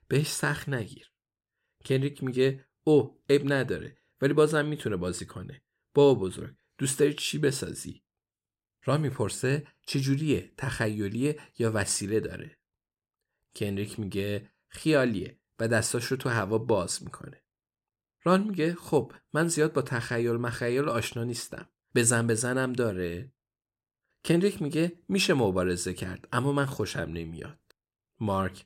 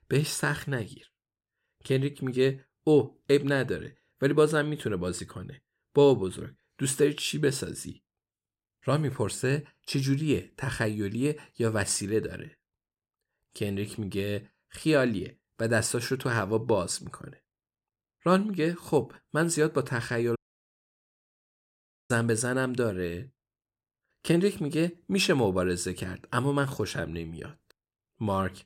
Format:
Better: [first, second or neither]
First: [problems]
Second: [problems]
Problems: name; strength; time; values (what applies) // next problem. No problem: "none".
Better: first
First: none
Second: audio cutting out; at 20 s for 1.5 s